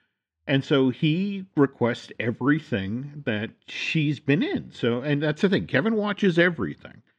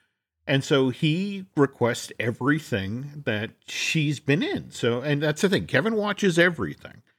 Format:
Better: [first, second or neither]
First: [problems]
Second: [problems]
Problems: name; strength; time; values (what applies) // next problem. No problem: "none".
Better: second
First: muffled; very slightly; fading above 3.5 kHz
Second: none